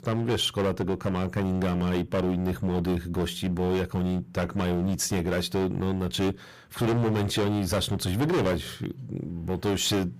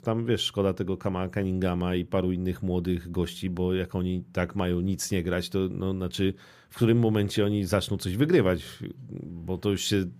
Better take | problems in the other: second | distortion; heavy; 17% of the sound clipped

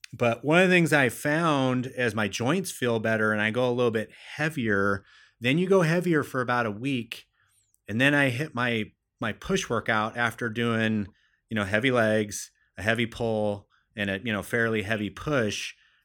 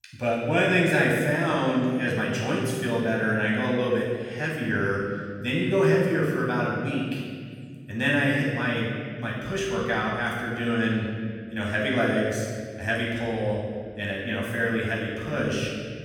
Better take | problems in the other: first | off-mic speech; far // room echo; noticeable; dies away in 2.2 s

